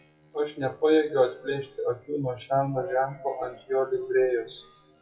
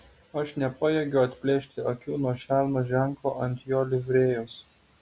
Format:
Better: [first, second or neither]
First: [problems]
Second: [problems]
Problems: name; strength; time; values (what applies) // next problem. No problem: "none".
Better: second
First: noise reduction (classical method WPE with log-MMSE)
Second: none